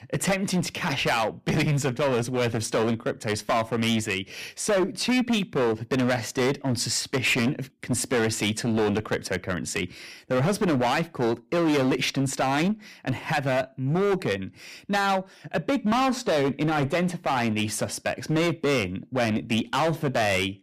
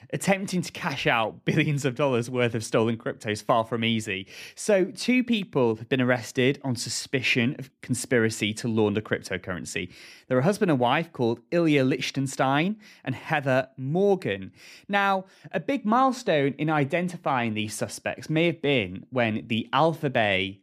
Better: second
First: distortion; heavy; 15% of the sound clipped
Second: none

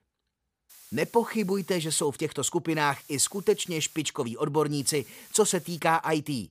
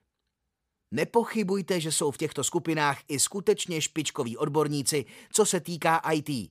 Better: second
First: hiss; faint; from 0.5 to 2 s, from 2.5 to 4 s and from 5 to 6 s; 20 dB below the speech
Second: none

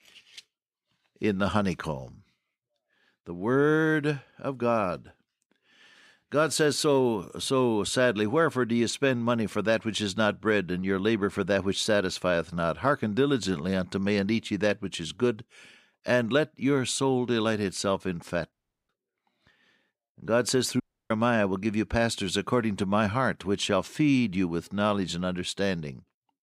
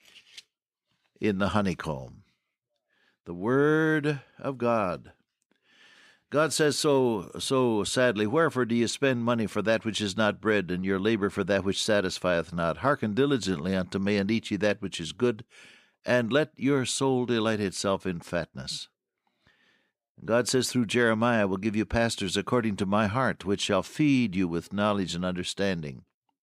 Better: second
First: audio cutting out; at 19 s and at 21 s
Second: none

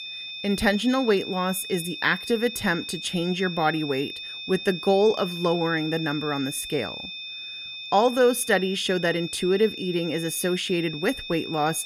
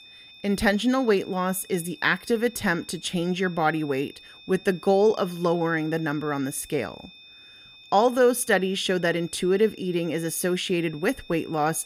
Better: second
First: high-pitched whine; loud; throughout; 3.5 kHz, 9 dB below the speech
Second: high-pitched whine; faint; throughout; 3.5 kHz, 20 dB below the speech

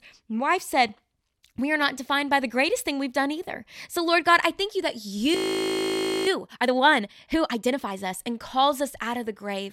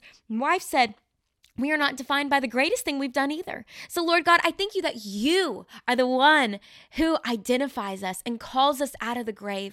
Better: second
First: audio freezing; at 5.5 s for 1 s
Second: none

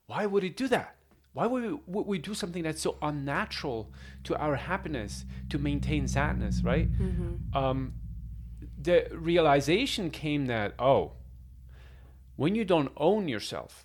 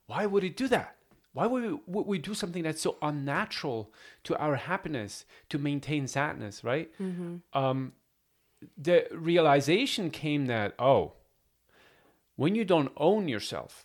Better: second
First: low rumble; noticeable; throughout; 15 dB below the speech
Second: none

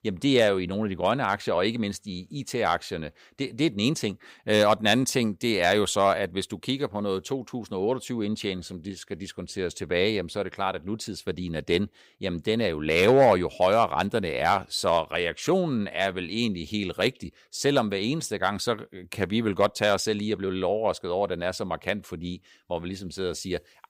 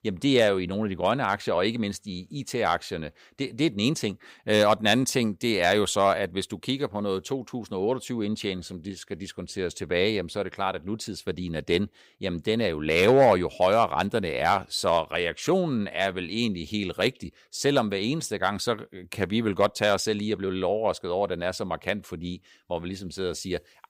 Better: neither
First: none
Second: none

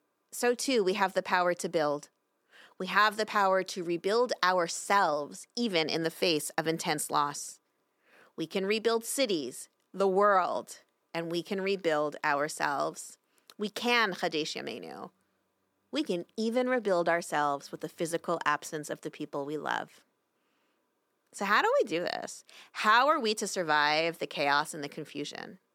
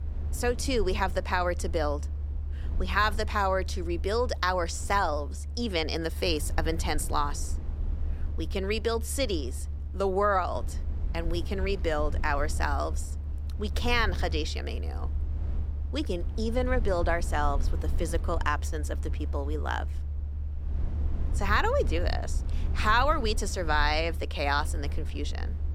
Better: first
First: none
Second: low rumble; faint; throughout; 20 dB below the speech

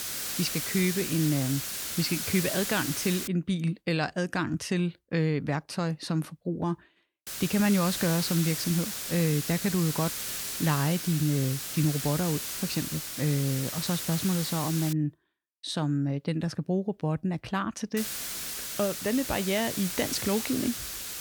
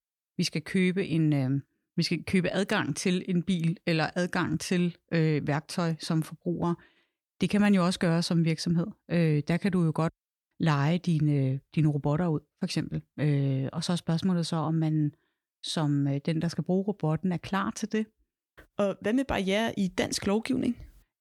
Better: second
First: hiss; loud; until 3.5 s, from 7.5 to 15 s and from 18 s on; 3 dB below the speech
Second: none

